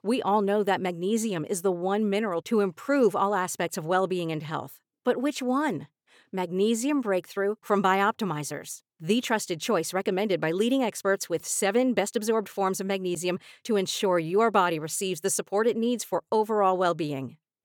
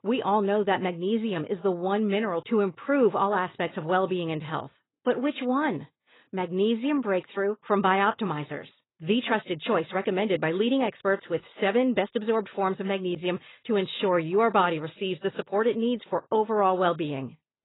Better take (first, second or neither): first